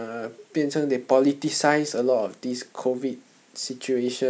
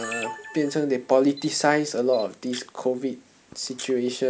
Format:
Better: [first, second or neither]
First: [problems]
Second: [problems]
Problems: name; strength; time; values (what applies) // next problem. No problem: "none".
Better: first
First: none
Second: background sound (Camera); 16 dB below the speech